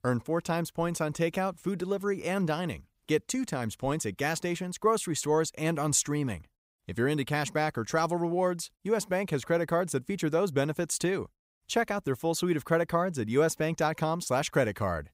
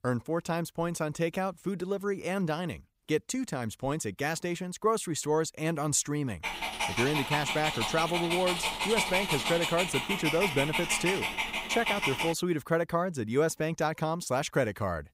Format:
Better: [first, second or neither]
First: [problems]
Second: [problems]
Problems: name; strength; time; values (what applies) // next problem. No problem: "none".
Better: first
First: none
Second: dog barking; loud; from 6.5 to 12 s; peak 3 dB above the speech